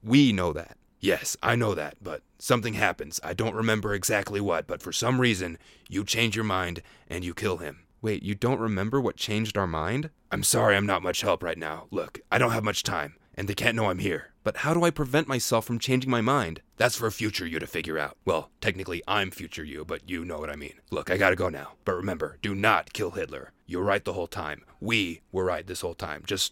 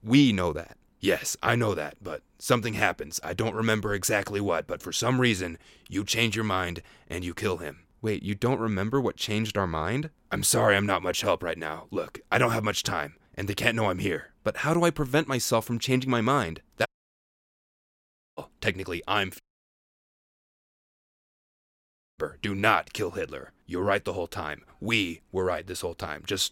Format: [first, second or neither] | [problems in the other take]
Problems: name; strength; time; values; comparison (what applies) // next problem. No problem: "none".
first | audio cutting out; at 17 s for 1.5 s and at 19 s for 3 s